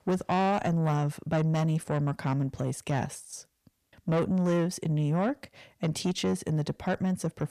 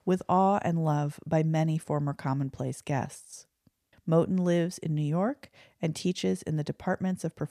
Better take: second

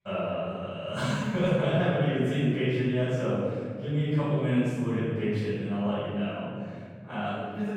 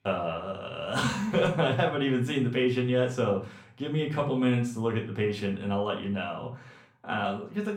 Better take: second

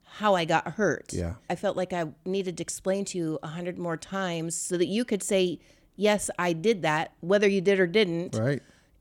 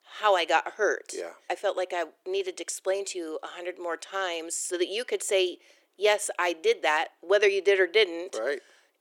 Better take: first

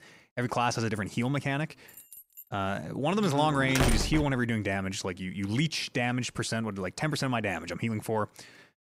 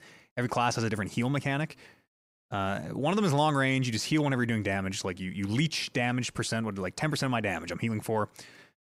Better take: second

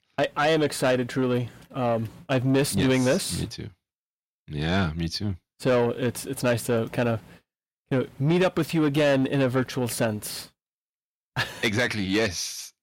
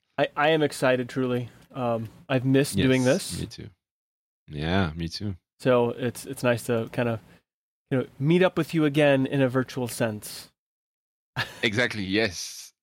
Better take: second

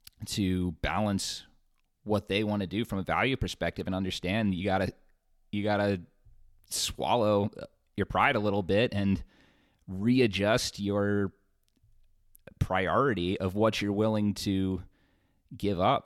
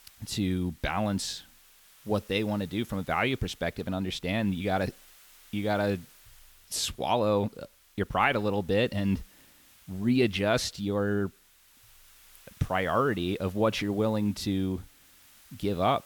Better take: first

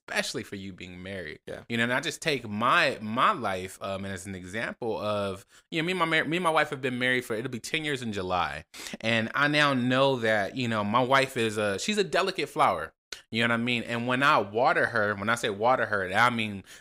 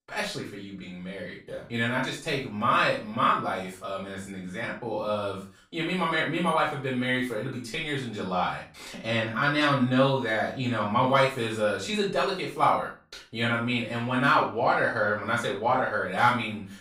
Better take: first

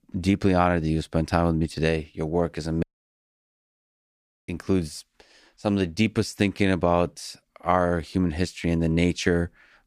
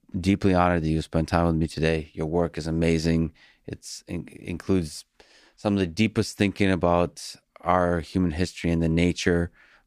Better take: second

